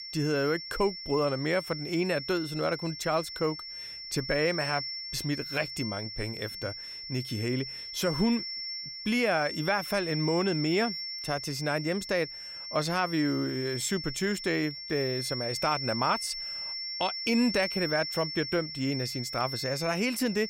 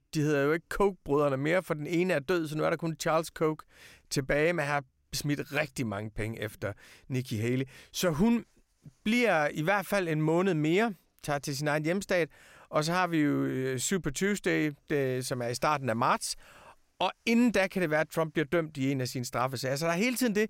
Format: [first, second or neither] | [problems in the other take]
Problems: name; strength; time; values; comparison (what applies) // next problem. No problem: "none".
second | high-pitched whine; loud; throughout; 5.5 kHz, 5 dB below the speech